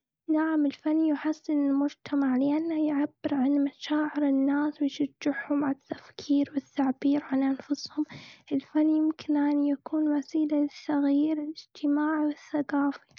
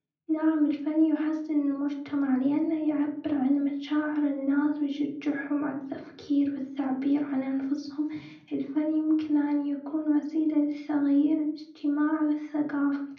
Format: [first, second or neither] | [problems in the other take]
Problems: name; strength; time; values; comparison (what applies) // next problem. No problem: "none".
first | room echo; dies away in 0.6 s